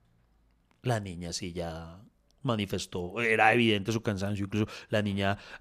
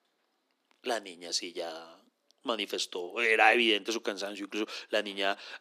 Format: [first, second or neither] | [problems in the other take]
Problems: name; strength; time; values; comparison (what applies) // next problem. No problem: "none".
first | thin; somewhat; fading below 250 Hz